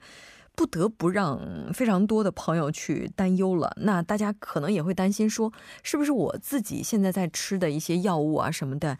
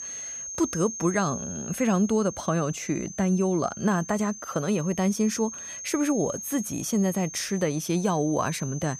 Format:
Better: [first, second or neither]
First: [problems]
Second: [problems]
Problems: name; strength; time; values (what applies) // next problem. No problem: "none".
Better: first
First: none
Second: high-pitched whine; loud; throughout; 6.5 kHz, 10 dB below the speech